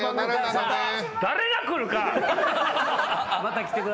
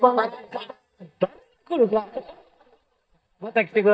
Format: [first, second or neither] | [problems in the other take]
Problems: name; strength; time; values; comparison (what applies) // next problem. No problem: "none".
first | noise reduction (neural mask model DeepFilterNet 3)